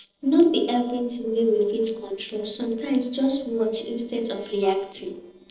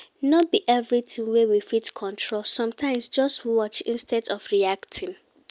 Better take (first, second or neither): second